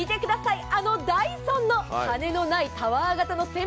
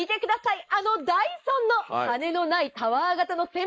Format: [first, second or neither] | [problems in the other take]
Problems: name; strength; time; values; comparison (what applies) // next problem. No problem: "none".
first | noise reduction (neural mask model Resemble Enhance denoiser)